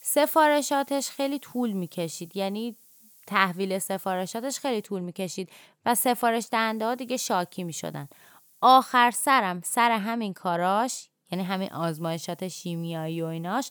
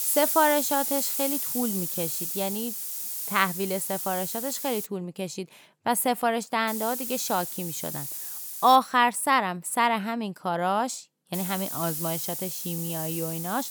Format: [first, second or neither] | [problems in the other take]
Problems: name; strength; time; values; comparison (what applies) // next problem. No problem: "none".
first | hiss; loud; until 5 s, from 6.5 to 9 s and from 11 s on; 3 dB below the speech; faint in the first